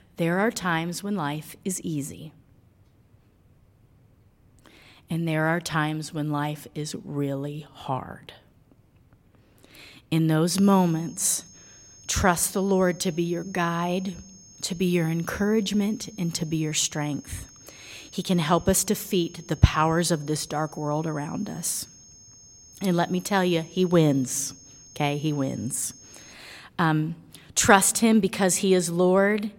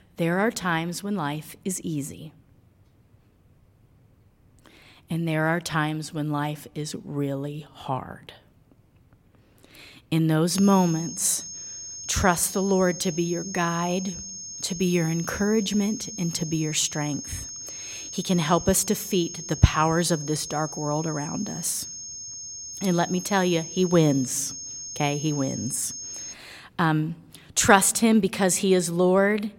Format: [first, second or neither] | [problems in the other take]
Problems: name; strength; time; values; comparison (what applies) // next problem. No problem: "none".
first | high-pitched whine; loud; from 11 to 26 s; 6.5 kHz, 10 dB below the speech; faint in the first